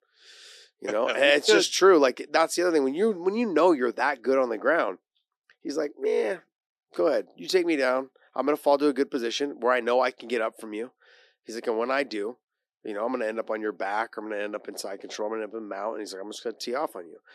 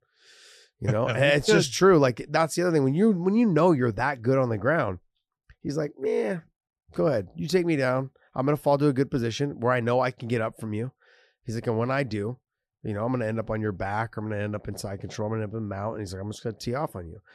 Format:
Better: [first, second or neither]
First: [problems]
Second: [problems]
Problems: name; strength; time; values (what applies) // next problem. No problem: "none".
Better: second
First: thin; somewhat; fading below 300 Hz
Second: none